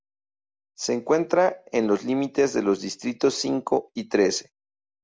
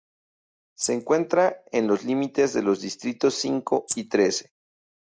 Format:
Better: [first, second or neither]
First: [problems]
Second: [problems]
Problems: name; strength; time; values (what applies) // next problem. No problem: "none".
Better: first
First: none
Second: noise reduction (neural mask model DeepFilterNet 3)